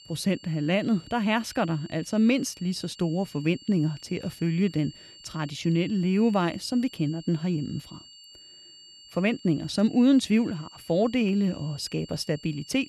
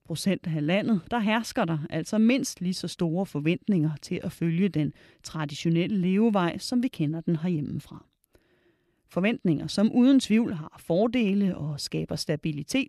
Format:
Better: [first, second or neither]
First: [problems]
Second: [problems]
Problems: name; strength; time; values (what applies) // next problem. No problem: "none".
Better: second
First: high-pitched whine; faint; throughout; 4.5 kHz, 20 dB below the speech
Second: none